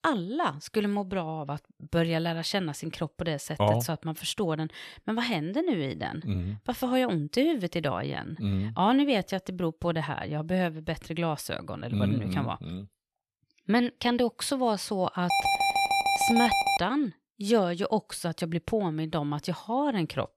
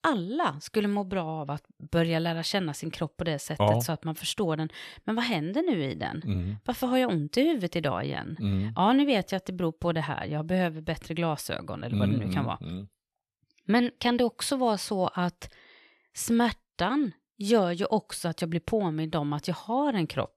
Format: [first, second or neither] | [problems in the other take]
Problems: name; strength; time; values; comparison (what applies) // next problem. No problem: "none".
second | alarm; loud; from 15 to 17 s; peak 5 dB above the speech